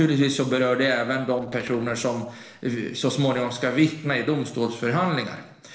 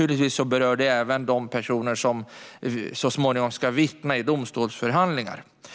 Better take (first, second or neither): second